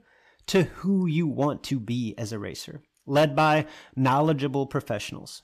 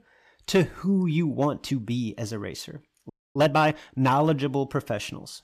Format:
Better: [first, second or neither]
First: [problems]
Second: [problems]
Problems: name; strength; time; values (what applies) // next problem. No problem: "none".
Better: first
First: none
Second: audio freezing; at 3 s